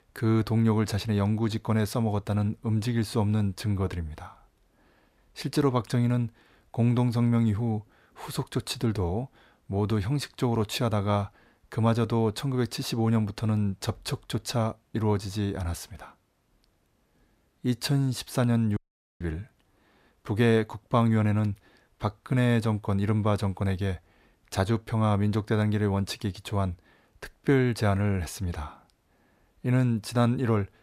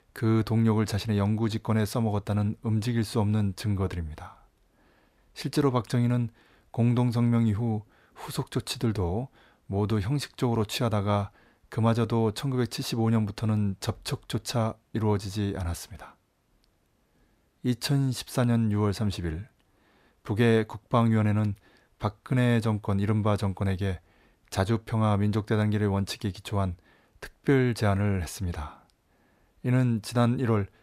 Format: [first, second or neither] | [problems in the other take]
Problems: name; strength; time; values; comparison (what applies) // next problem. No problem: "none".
second | audio cutting out; at 19 s